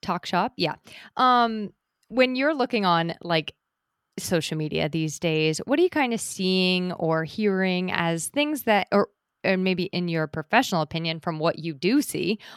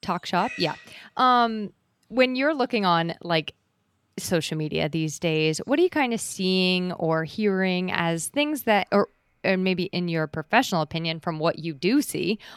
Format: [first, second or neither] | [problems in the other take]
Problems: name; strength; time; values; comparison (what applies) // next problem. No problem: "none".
first | animal sounds; noticeable; throughout; 15 dB below the speech